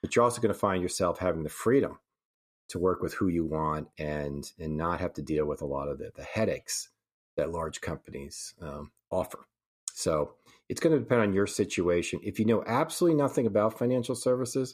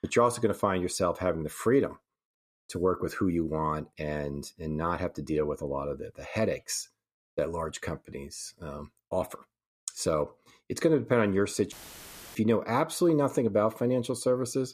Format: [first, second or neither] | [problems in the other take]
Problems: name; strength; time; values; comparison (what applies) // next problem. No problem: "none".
first | audio cutting out; filled with static; at 12 s for 0.5 s